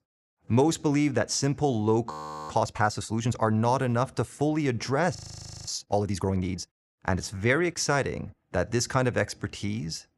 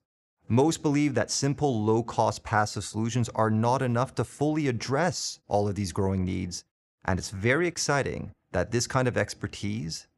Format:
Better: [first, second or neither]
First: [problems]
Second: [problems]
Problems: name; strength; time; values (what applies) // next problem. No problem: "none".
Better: second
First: audio freezing; at 2 s and at 5 s for 0.5 s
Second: none